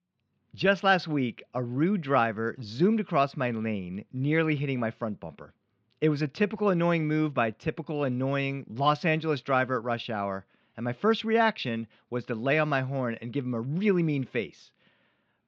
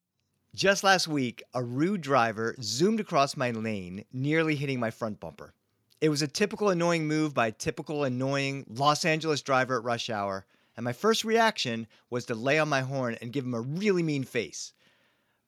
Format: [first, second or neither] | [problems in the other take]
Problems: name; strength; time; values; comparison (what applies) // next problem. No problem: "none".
second | muffled; slightly; fading above 3.5 kHz